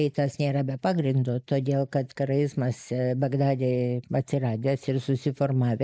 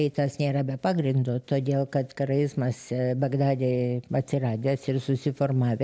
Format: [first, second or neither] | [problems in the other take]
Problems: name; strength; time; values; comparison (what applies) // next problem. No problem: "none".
second | noise reduction (neural mask model Resemble Enhance denoiser)